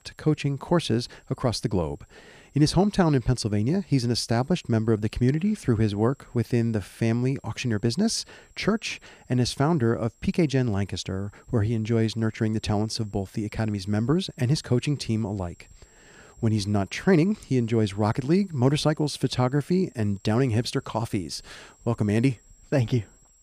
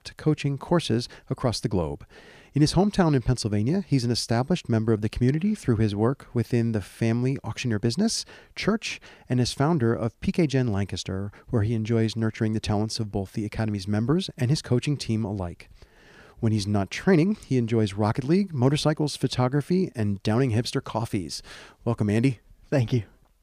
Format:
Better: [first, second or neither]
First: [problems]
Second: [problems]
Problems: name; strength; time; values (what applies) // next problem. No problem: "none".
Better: second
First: high-pitched whine; faint; throughout; 7.5 kHz, 35 dB below the speech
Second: none